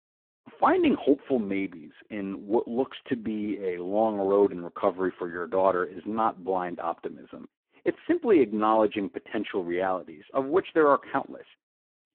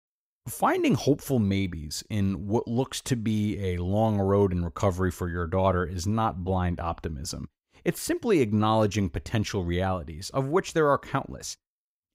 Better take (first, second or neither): second